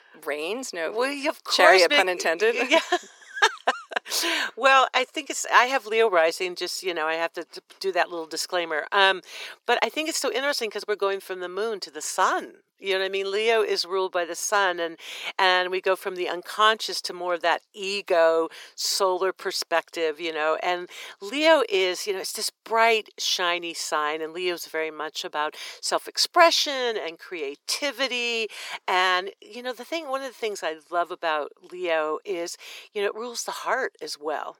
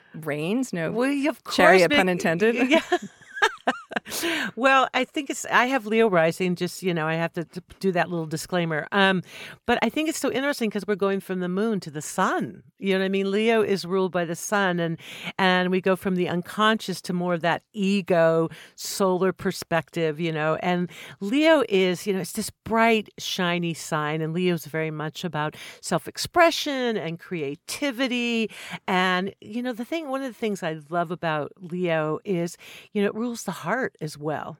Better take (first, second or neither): second